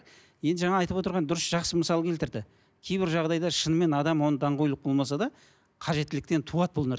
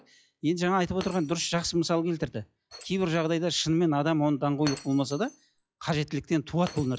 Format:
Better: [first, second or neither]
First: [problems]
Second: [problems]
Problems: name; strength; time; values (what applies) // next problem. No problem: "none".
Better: first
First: none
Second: noise reduction (classical method log-MMSE)